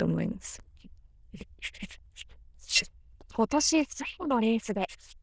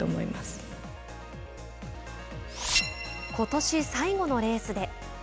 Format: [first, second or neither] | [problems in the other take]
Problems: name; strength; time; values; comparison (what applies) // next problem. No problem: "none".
second | noise reduction (neural diffusion model UNIVERSE++)